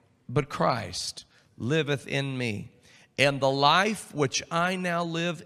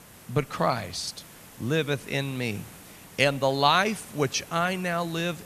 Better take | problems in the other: first | hiss; noticeable; throughout; 20 dB below the speech

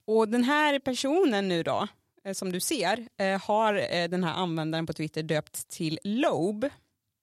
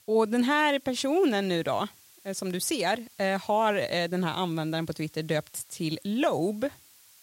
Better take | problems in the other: first | hiss; faint; throughout; 25 dB below the speech

